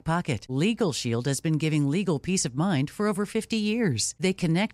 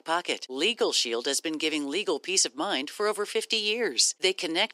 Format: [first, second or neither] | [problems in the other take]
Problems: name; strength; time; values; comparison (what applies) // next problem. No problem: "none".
first | thin; very; fading below 350 Hz